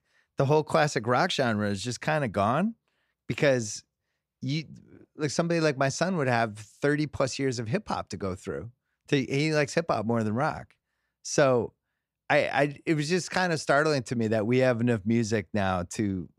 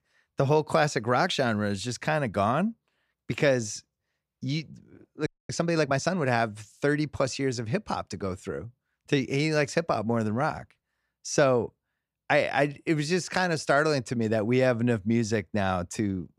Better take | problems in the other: first | audio freezing; at 5.5 s

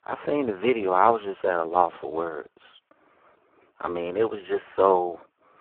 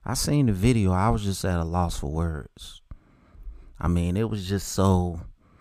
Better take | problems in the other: second | phone-call audio; poor line

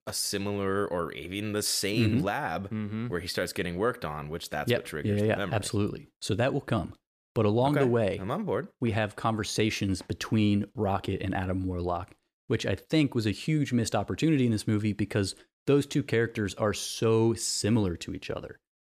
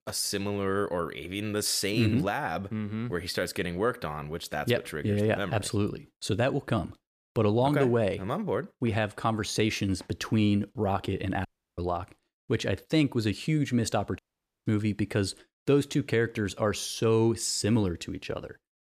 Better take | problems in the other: first | audio cutting out; at 11 s and at 14 s

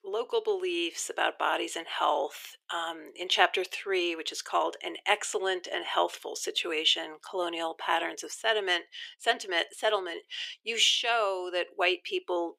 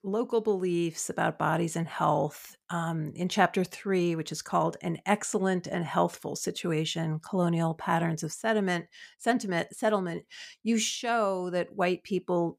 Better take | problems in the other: second | thin; very; fading below 350 Hz

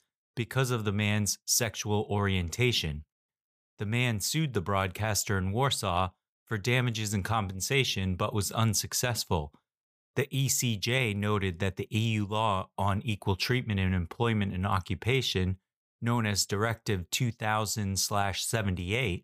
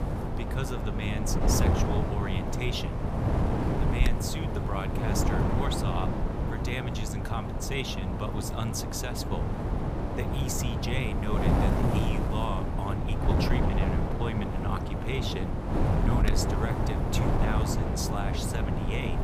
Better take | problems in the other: first | wind noise on the microphone; heavy; 2 dB above the speech

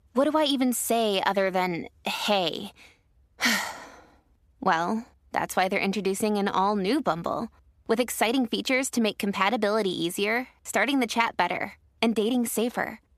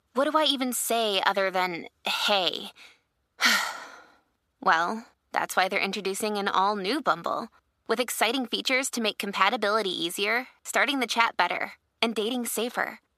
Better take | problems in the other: first | thin; very slightly; fading below 400 Hz

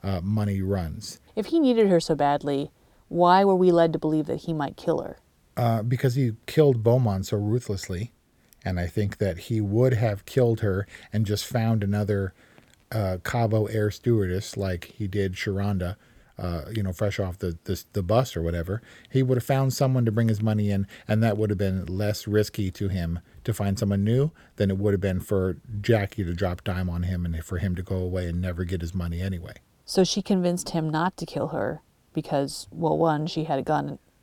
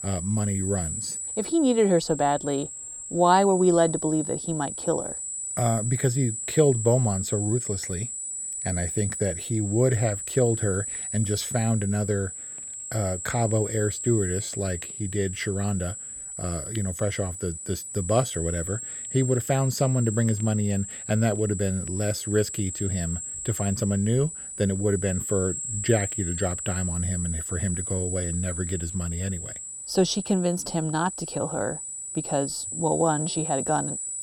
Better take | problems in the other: first | high-pitched whine; loud; throughout; 8 kHz, 5 dB below the speech

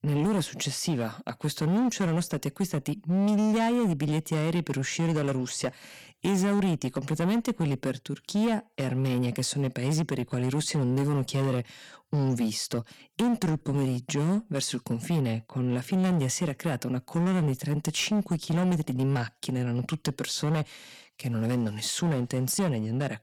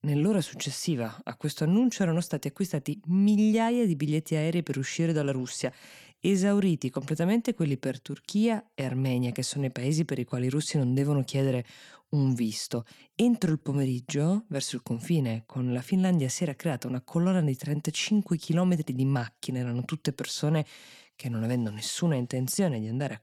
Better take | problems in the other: second | distortion; slight; 18% of the sound clipped

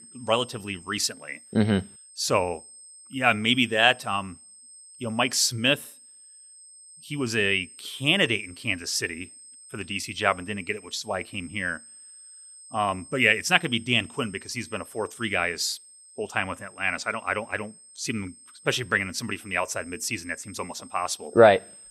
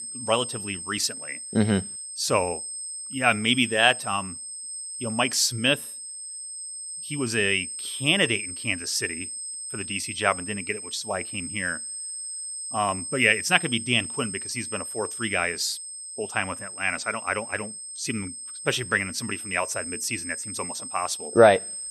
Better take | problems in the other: first | high-pitched whine; loud; throughout; 8.5 kHz, 8 dB below the speech; faint in the first

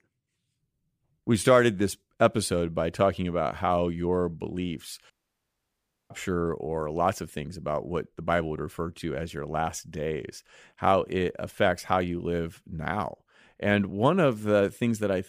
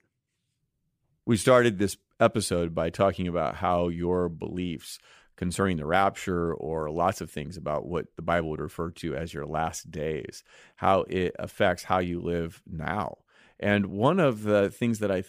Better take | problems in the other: second | audio cutting out; at 5 s for 1 s

